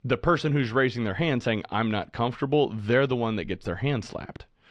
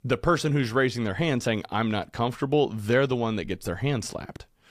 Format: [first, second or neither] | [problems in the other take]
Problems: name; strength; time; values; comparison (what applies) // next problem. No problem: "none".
second | muffled; very slightly; fading above 3 kHz